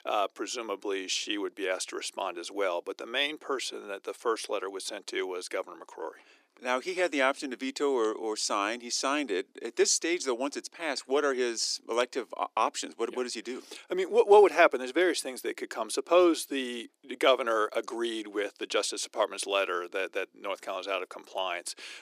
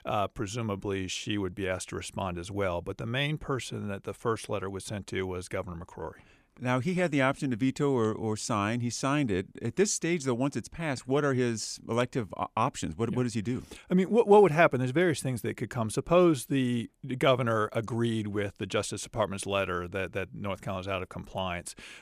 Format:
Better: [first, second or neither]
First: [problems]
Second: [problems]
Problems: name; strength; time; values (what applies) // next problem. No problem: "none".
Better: second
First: thin; somewhat; fading below 300 Hz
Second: none